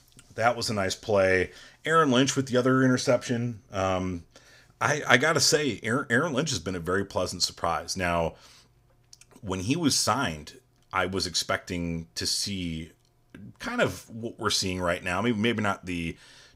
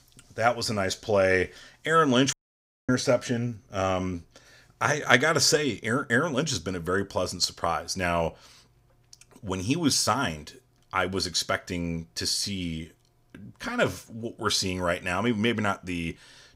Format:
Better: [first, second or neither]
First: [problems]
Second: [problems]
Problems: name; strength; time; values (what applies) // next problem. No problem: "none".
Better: first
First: none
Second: audio cutting out; at 2.5 s for 0.5 s